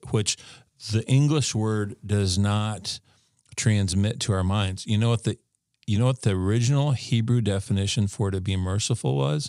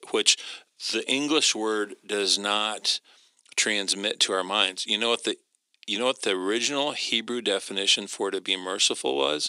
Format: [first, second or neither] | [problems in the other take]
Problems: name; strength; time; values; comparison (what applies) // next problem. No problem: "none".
first | thin; very; fading below 300 Hz